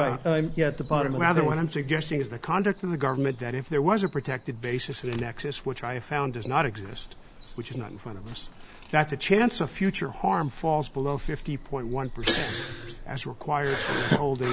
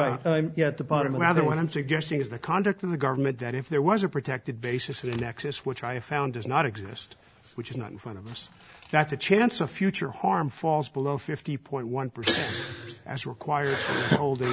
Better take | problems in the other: second | background sound (Bird vocalization, bird call, bird song); 15 dB below the speech

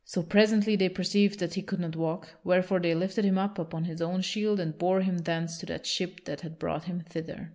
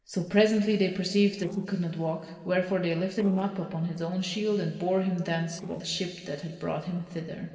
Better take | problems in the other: first | noise reduction (neural separator model SepFormer DNS4)

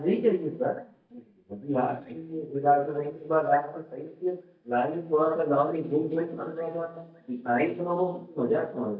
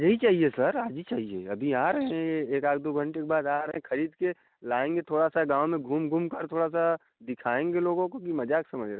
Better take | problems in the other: second | noise reduction (neural mask model DeepFilterNet 3)

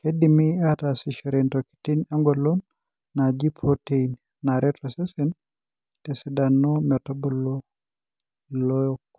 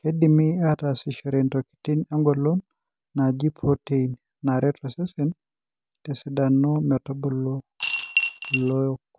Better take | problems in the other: first | background sound (Coin (dropping) / Glass); 3 dB below the speech

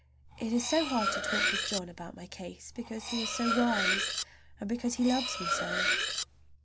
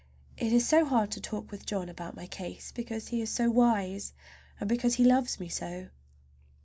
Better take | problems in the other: second | background sound (Cutlery, silverware); as loud as the speech

